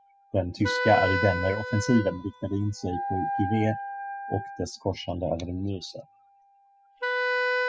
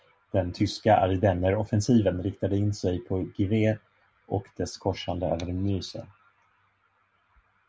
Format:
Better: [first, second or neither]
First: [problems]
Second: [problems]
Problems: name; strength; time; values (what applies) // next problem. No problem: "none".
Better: second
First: noise reduction (classical method spectral subtraction)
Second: none